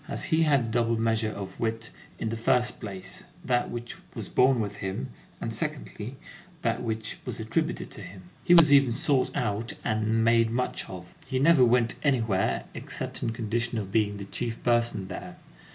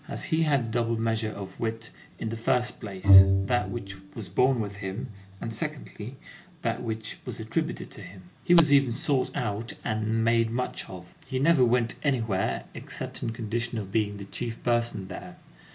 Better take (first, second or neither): first